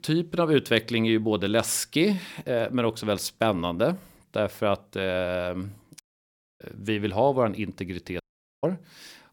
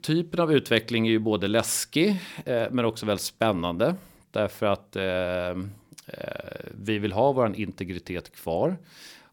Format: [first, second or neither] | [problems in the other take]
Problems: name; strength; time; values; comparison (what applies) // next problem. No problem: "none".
second | audio cutting out; at 6 s for 0.5 s and at 8 s